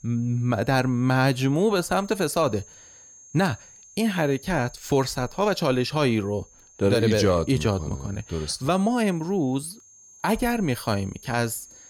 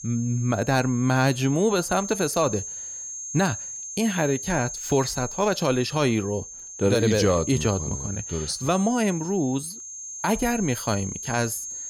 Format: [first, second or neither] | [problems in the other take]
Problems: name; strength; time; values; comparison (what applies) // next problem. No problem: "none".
first | high-pitched whine; loud; throughout; 6.5 kHz, 9 dB below the speech; faint in the first